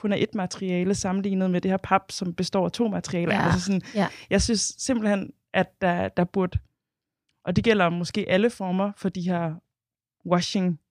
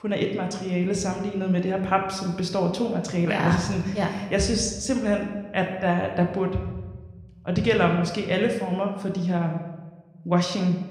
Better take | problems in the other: first | room echo; slight; dies away in 0.9 s

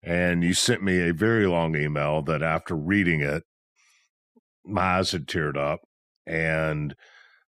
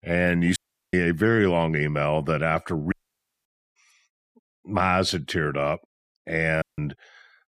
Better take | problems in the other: first | audio cutting out; at 0.5 s, at 3 s for 0.5 s and at 6.5 s

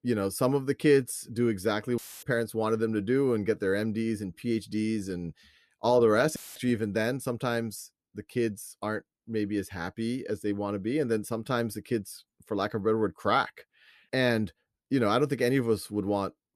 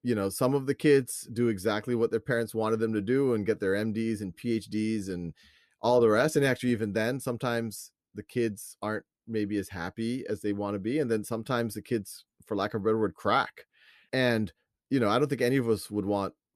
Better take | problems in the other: second | audio cutting out; filled with static; at 2 s and at 6.5 s

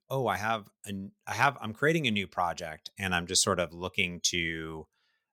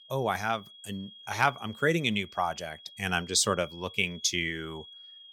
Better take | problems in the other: first | high-pitched whine; noticeable; throughout; 3.5 kHz, 20 dB below the speech

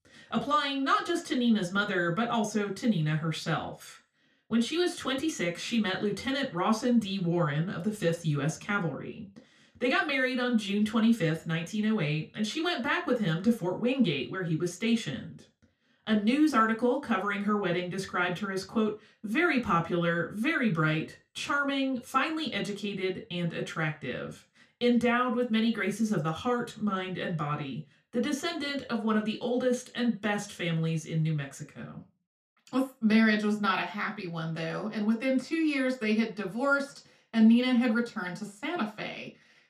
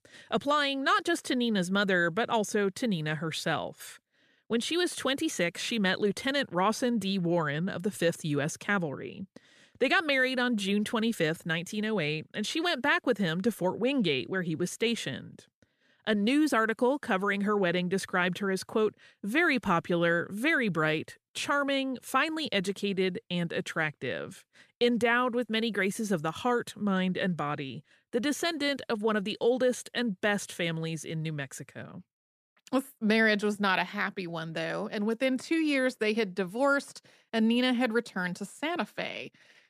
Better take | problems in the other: second | room echo; very slight; dies away in 0.3 s // off-mic speech; somewhat distant

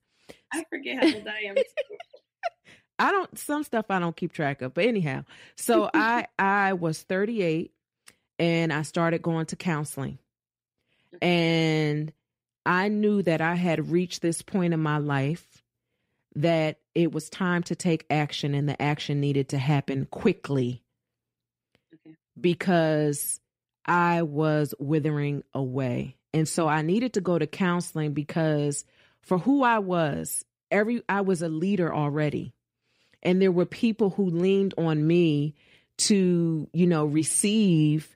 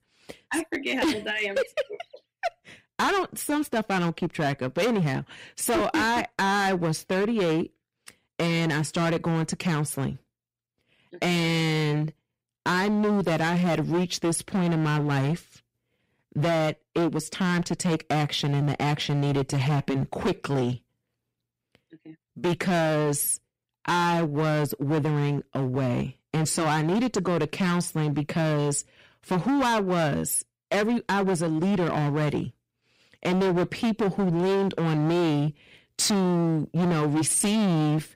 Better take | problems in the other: first | distortion; heavy; 21% of the sound clipped

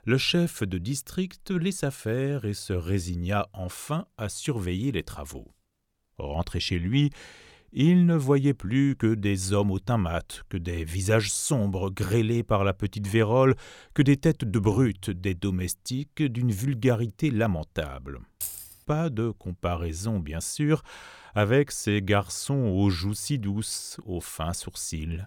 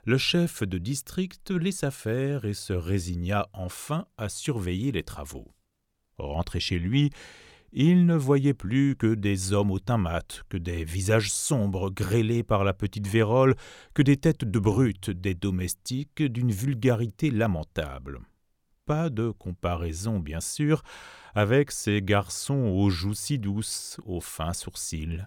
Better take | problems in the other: second | jangling keys; noticeable; at 18 s; peak 7 dB below the speech

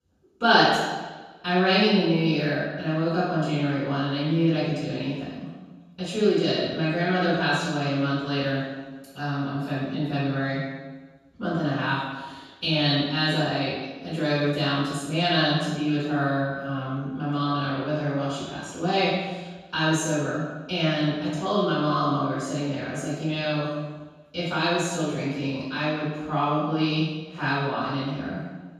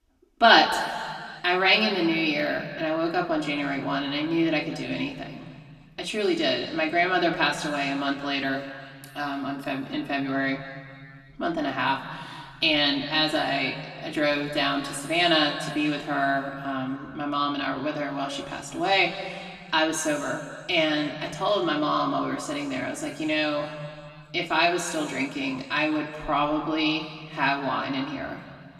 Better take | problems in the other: second | room echo; strong; dies away in 1.2 s; slight in the second // off-mic speech; far; far in the second

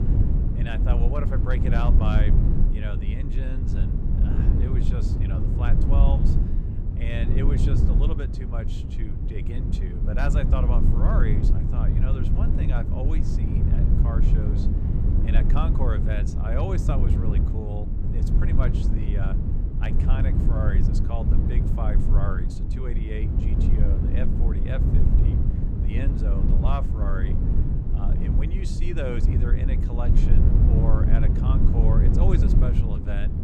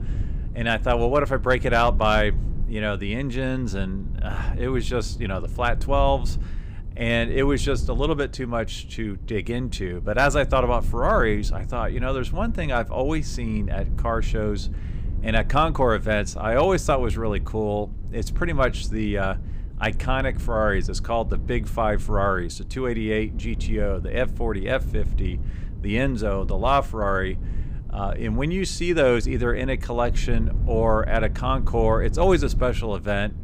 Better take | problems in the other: second | low rumble; loud; throughout; as loud as the speech; faint in the second

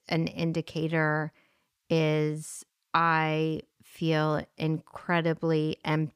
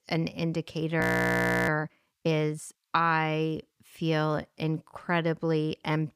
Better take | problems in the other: first | audio freezing; at 1 s for 0.5 s

